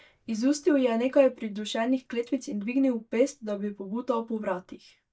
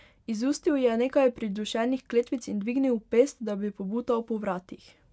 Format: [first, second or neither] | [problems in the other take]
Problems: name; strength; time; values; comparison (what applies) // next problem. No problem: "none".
second | noise reduction (neural mask model DeepFilterNet 3)